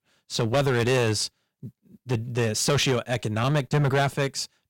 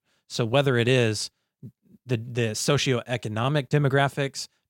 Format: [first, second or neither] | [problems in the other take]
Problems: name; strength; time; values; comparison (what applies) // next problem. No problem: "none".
second | distortion; heavy; 8% of the sound clipped